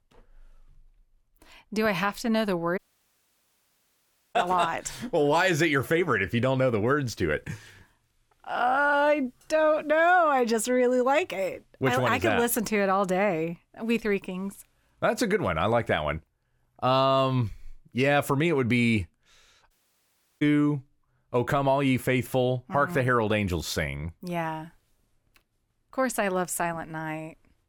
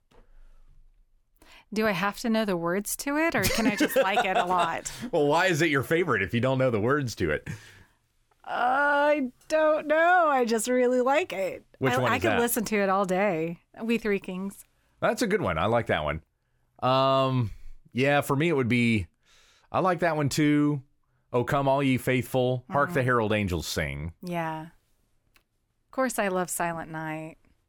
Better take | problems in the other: second | audio cutting out; at 3 s for 1.5 s and at 20 s for 0.5 s

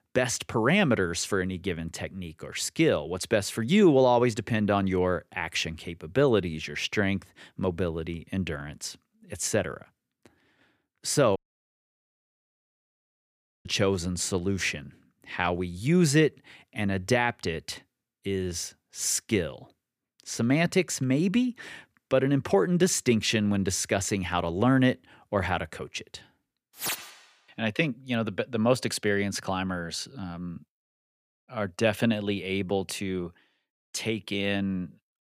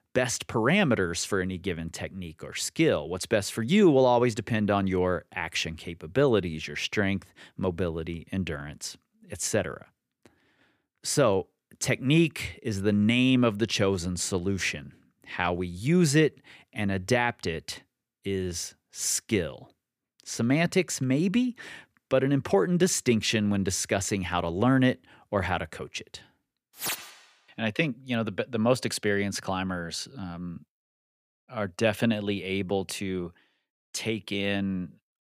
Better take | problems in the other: second | audio cutting out; at 11 s for 2.5 s

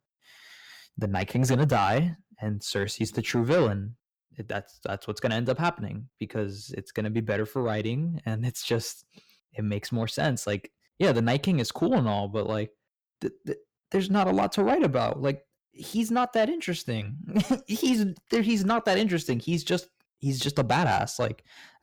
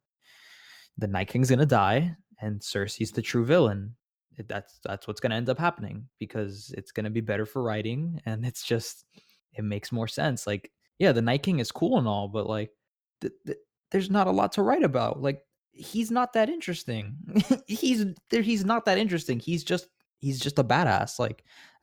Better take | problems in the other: second | distortion; slight; 10 dB below the speech

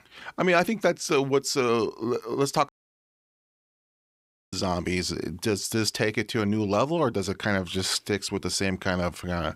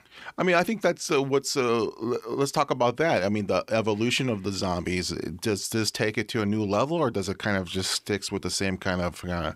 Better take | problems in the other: second | audio cutting out; at 2.5 s for 2 s

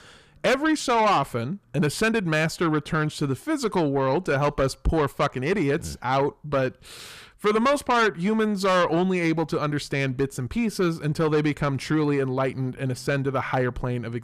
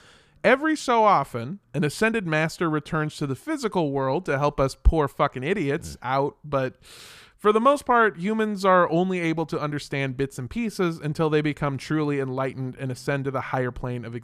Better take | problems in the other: second | distortion; heavy; 8 dB below the speech

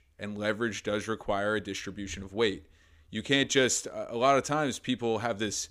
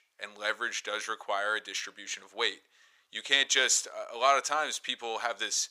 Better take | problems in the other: first | thin; very; fading below 900 Hz

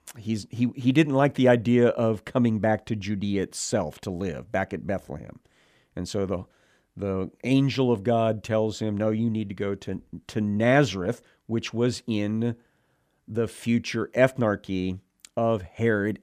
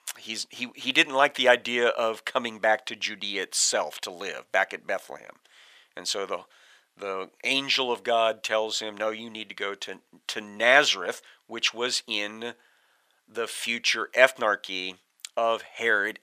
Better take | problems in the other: first | thin; very; fading below 900 Hz

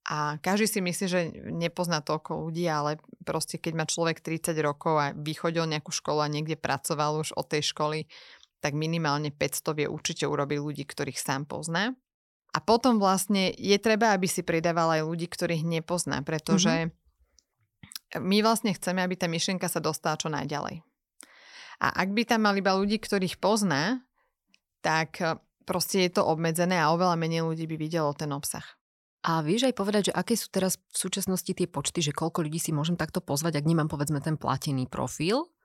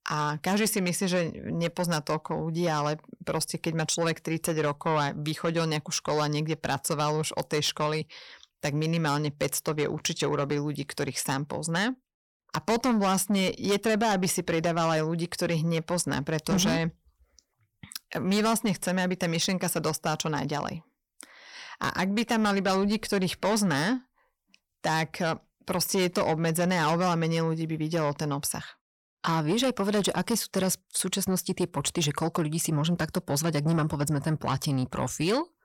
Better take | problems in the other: first | distortion; slight; 10 dB below the speech

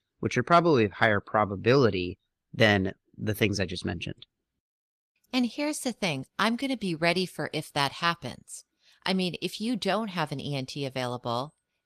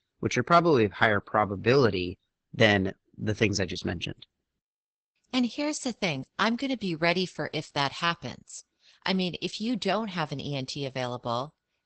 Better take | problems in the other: first | garbled, watery; badly; nothing above 8 kHz; slightly in the first

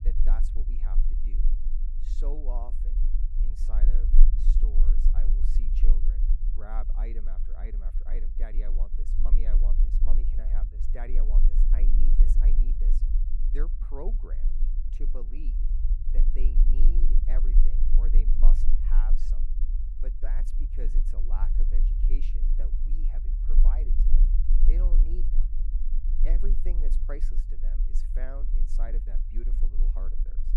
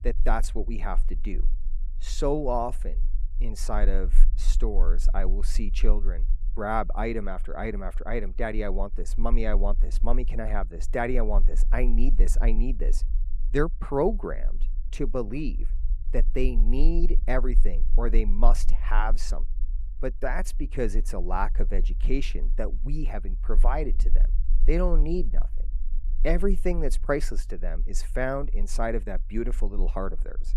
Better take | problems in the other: second | low rumble; loud; throughout; 5 dB below the speech; faint in the second

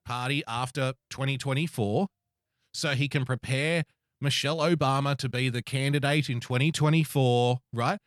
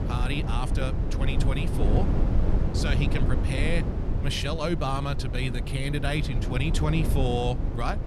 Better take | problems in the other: first | low rumble; loud; throughout; 6 dB below the speech

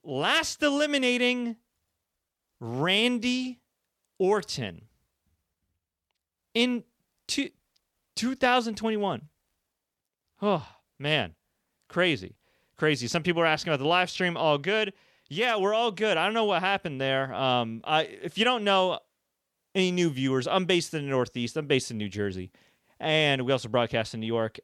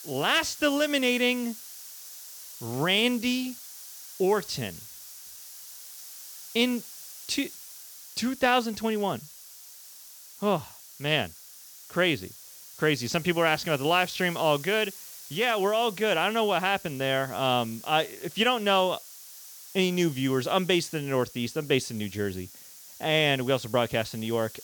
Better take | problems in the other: first | hiss; noticeable; throughout; 15 dB below the speech

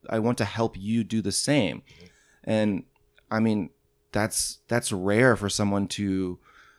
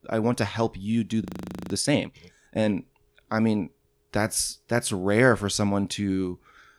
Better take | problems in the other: first | audio freezing; at 1 s

